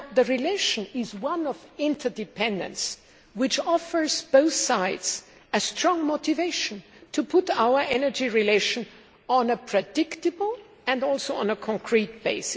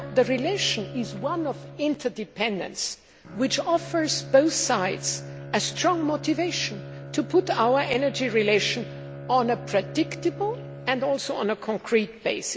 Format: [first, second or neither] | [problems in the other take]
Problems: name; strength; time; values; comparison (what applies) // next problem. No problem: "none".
first | background sound (Bowed string instrument); 13 dB below the speech